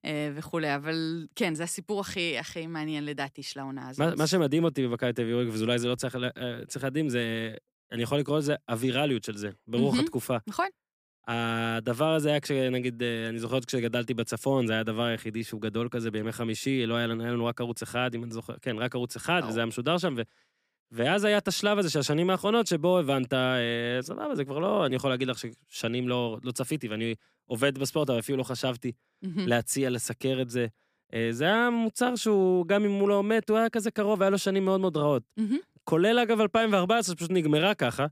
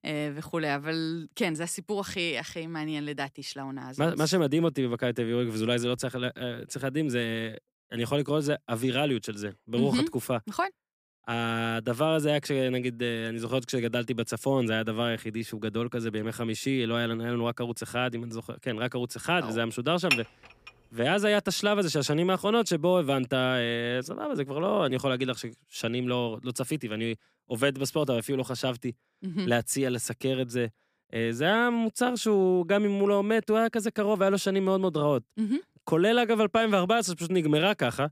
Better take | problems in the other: first | clattering dishes; loud; at 20 s; peak 1 dB above the speech

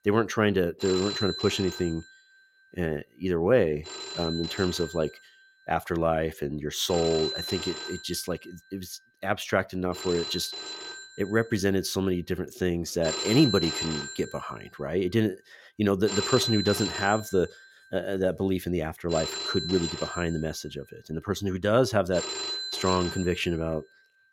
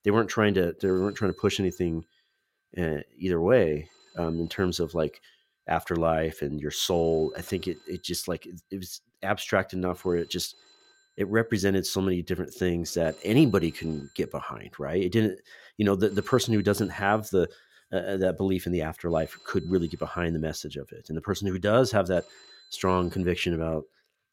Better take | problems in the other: second | alarms or sirens; loud; throughout; 5 dB below the speech; faint in the second

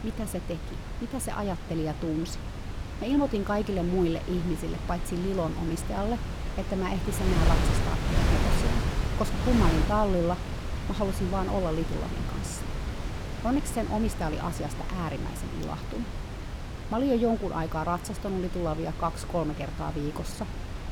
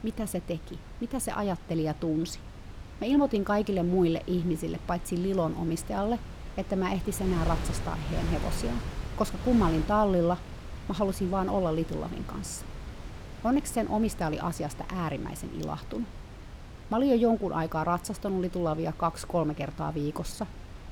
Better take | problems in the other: second | wind noise on the microphone; heavy; 6 dB below the speech; occasional gusts in the second

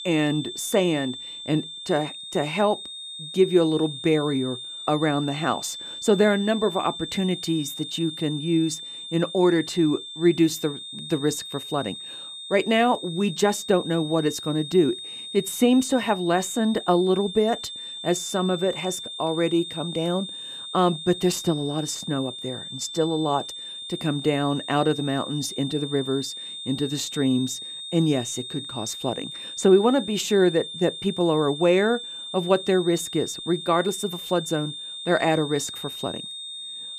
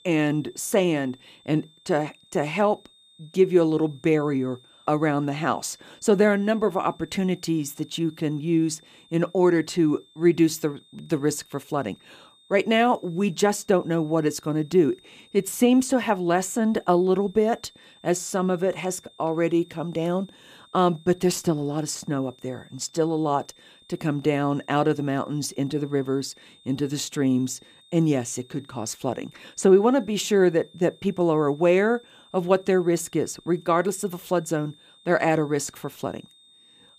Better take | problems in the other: second | high-pitched whine; loud; throughout; 3.5 kHz, 9 dB below the speech; faint in the second

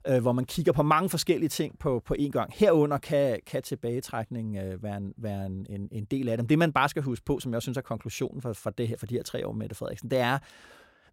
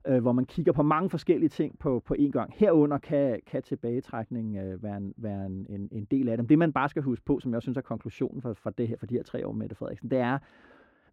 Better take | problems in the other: first | muffled; very; fading above 4 kHz

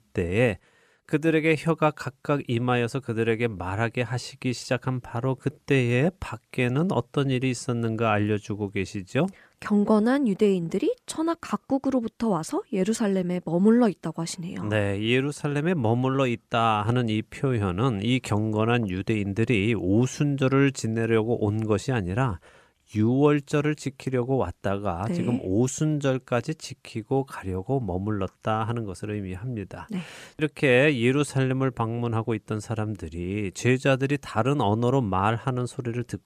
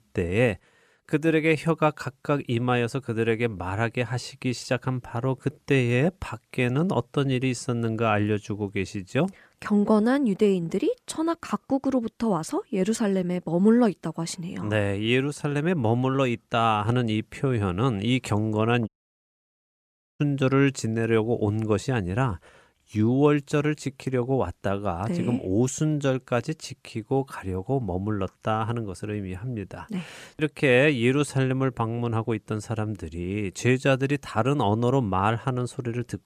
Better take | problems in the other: first | audio cutting out; at 19 s for 1.5 s

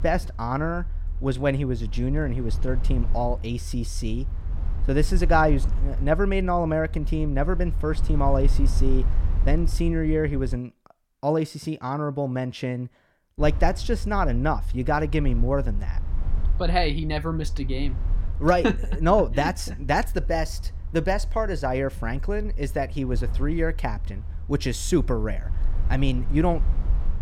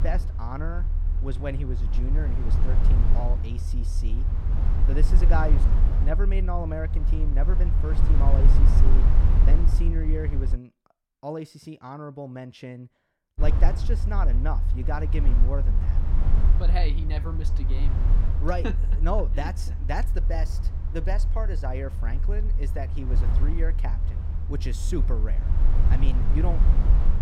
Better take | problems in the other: first | low rumble; loud; until 11 s and from 13 s on; 6 dB below the speech; faint in the first

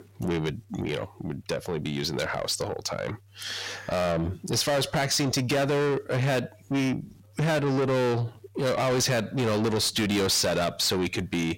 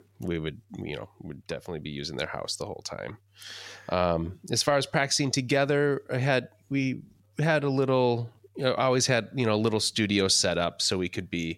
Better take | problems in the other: second | distortion; heavy; 6 dB below the speech

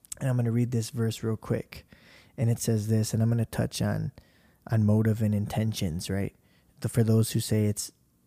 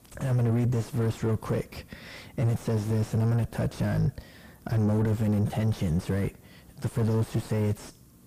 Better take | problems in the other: first | distortion; heavy; 6 dB below the speech

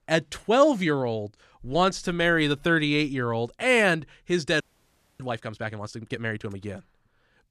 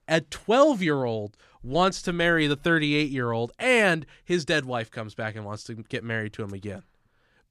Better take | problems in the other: second | audio freezing; at 4.5 s for 0.5 s

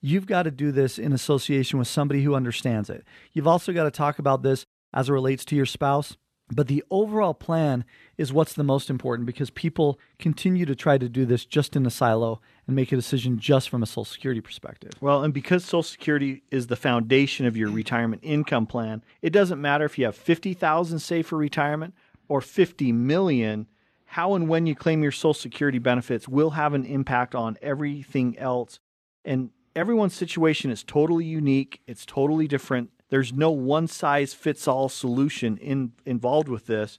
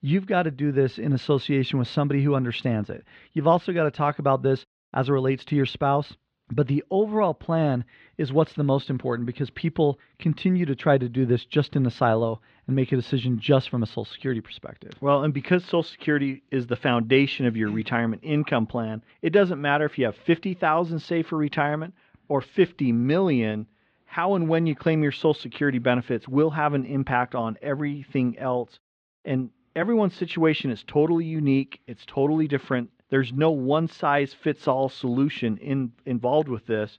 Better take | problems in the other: first | muffled; very slightly; fading above 4 kHz

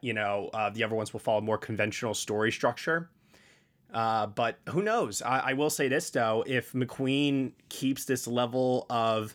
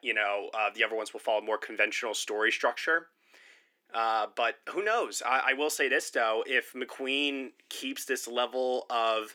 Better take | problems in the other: first | thin; somewhat; fading below 300 Hz

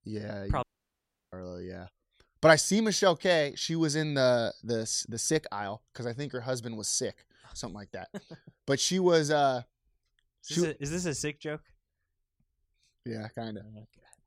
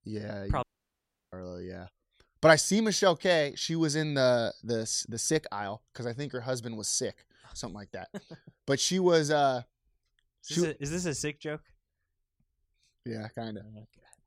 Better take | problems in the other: neither | audio cutting out; at 0.5 s for 0.5 s; the same in both

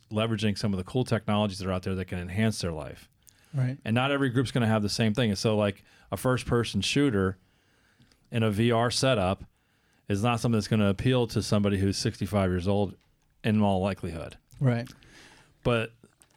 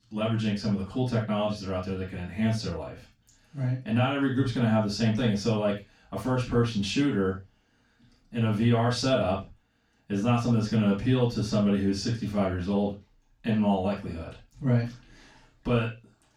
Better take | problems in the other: first | room echo; noticeable; dies away in 0.2 s // off-mic speech; far

